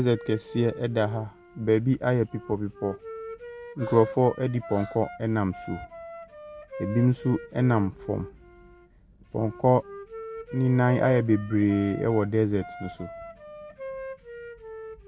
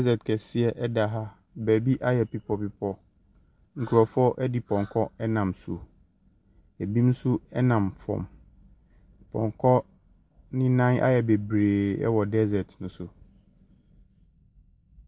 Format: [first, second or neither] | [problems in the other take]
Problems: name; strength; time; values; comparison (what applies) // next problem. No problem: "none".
second | background sound (Wind instrument, woodwind instrument); 14 dB below the speech